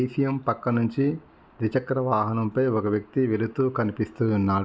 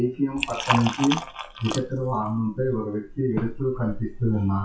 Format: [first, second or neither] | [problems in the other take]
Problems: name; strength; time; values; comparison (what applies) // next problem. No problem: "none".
first | noise reduction (classical method WPE with log-MMSE)